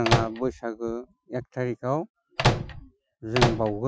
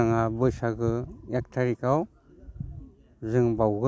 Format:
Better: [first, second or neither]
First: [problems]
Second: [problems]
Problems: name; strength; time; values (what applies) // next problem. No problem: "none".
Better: second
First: noise reduction (classical method Wiener filter)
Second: none